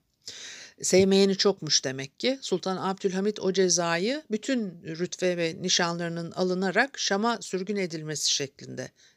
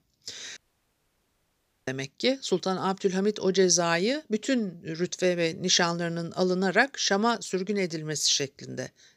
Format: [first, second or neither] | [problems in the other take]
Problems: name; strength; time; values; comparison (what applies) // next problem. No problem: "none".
first | audio cutting out; at 0.5 s for 1.5 s